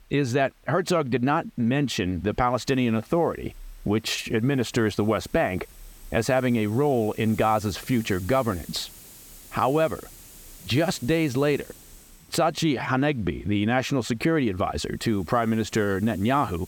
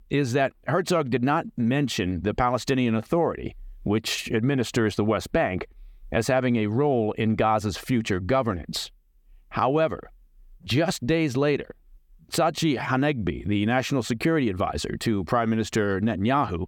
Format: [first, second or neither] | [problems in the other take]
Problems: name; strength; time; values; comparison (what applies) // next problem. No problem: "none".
second | hiss; faint; throughout; 20 dB below the speech